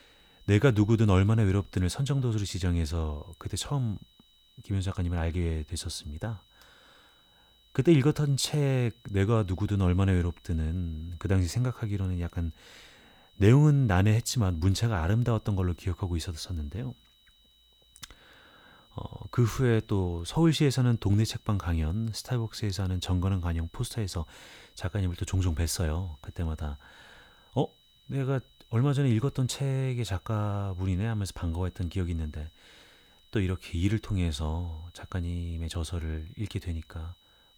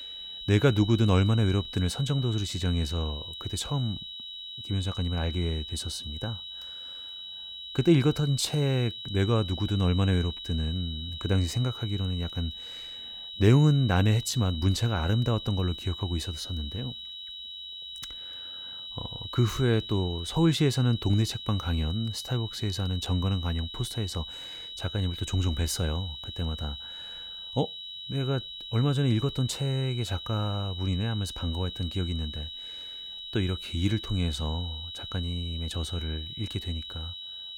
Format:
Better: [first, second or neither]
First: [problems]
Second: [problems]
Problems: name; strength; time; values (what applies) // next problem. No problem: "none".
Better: first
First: high-pitched whine; faint; throughout; 4 kHz, 30 dB below the speech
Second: high-pitched whine; loud; throughout; 4 kHz, 9 dB below the speech